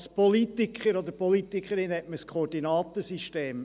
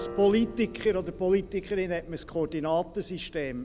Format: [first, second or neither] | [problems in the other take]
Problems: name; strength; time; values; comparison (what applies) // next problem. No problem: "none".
first | background sound (Piano + Thunder / Explosion); 15 dB below the speech